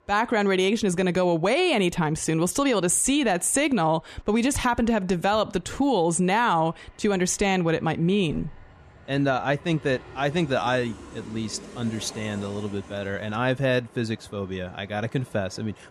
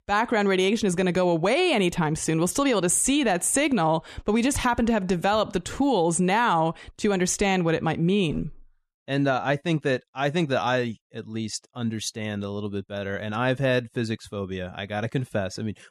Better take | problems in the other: second | train or aircraft noise; faint; throughout; 20 dB below the speech

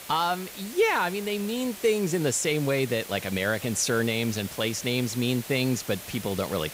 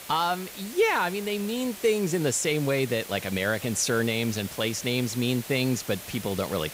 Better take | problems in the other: neither | hiss; noticeable; throughout; 10 dB below the speech; the same in both

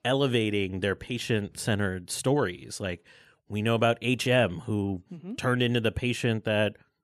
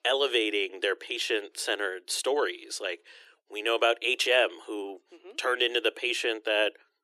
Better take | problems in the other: first | thin; very; fading below 350 Hz

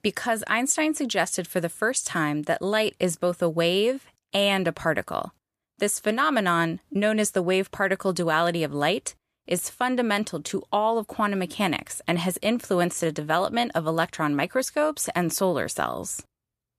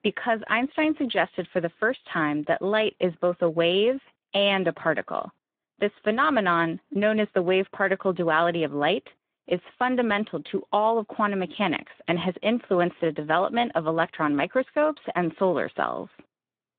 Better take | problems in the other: first | phone-call audio

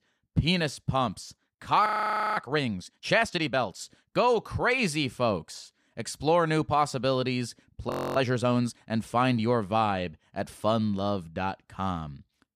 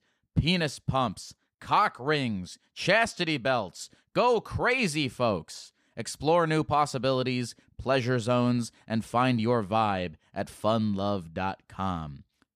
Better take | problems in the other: second | audio freezing; at 2 s for 0.5 s and at 8 s

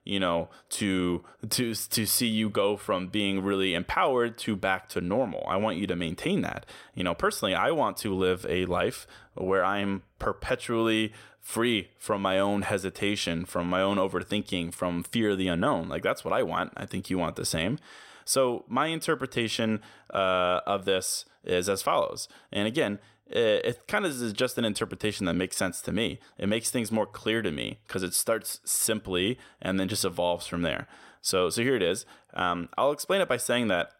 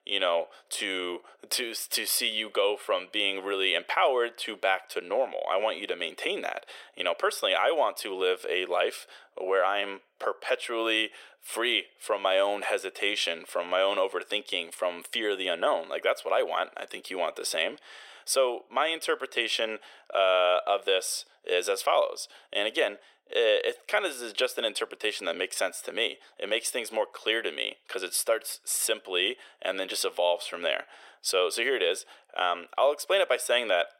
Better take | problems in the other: first | thin; very; fading below 400 Hz

